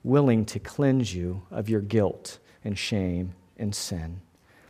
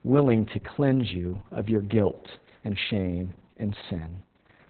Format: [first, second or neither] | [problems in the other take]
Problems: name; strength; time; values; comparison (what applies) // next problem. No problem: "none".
first | garbled, watery; badly; nothing above 4 kHz